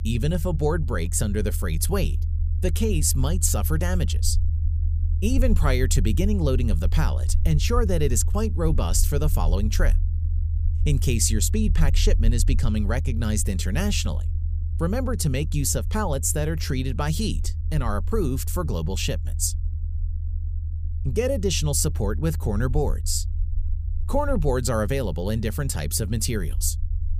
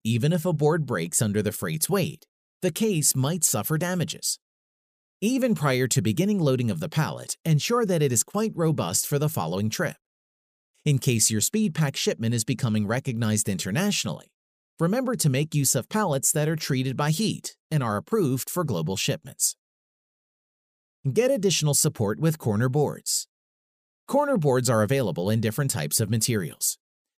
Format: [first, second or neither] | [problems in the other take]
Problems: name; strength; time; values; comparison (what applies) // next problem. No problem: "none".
second | low rumble; noticeable; throughout; 15 dB below the speech